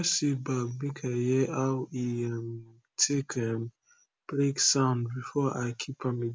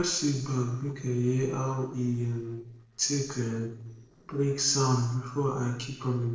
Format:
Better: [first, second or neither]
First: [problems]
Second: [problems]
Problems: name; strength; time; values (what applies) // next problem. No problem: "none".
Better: first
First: none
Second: noise reduction (neural separator model SepFormer DNS4)